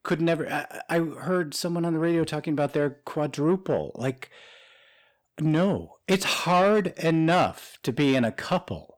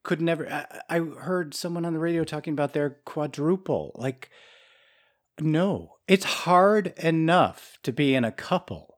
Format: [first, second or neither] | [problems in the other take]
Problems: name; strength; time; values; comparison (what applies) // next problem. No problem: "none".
second | distortion; slight; 10 dB below the speech